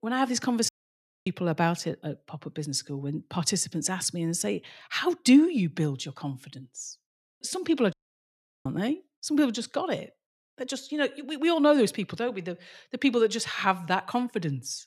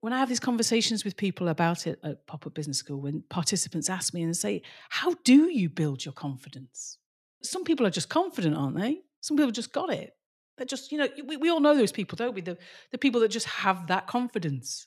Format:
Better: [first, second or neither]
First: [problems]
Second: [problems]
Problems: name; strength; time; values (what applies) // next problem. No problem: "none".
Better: second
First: audio cutting out; at 0.5 s for 0.5 s and at 8 s for 0.5 s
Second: none